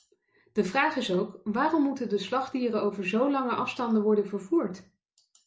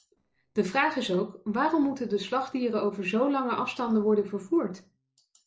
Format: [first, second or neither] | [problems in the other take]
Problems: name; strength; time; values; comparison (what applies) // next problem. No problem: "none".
first | noise reduction (neural separator model SepFormer DNS4)